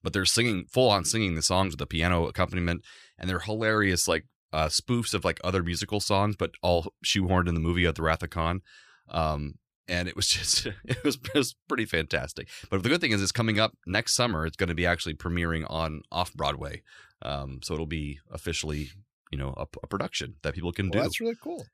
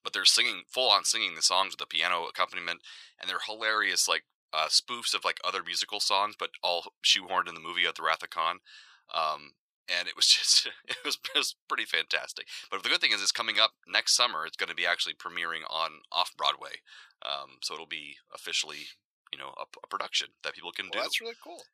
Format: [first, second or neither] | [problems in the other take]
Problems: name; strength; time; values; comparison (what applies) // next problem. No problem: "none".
first | thin; very; fading below 700 Hz